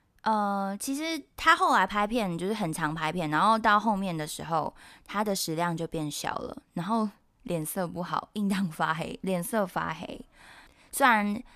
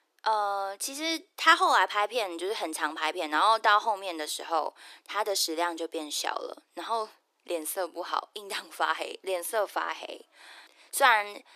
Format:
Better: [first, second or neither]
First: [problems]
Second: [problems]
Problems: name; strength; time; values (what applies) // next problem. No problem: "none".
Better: first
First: none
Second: thin; very; fading below 350 Hz